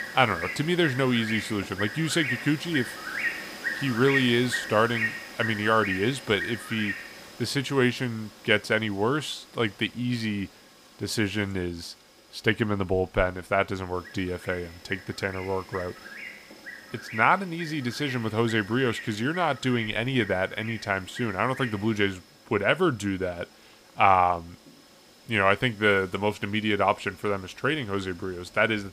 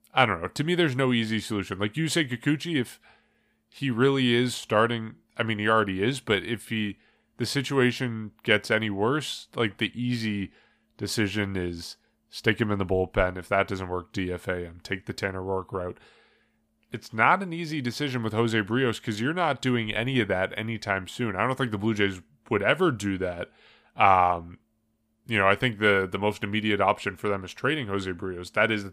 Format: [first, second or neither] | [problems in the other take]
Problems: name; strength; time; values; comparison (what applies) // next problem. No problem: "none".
second | animal sounds; loud; throughout; 8 dB below the speech